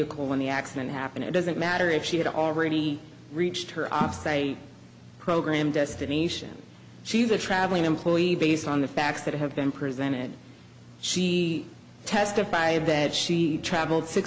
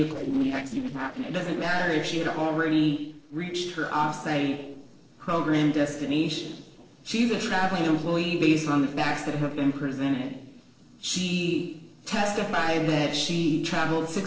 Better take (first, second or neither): first